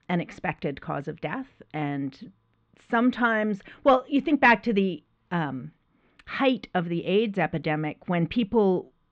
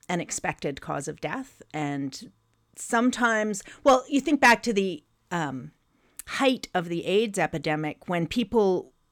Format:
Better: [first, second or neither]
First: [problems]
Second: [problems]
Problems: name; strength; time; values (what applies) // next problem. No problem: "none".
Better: second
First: muffled; very; fading above 3.5 kHz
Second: none